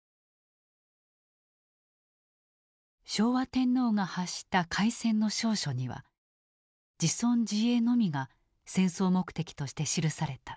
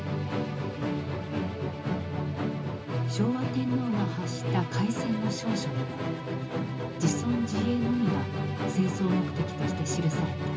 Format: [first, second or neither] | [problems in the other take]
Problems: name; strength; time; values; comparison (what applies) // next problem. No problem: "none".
first | background sound (Musical instrument); 1 dB above the speech // room echo; dies away in 0.2 s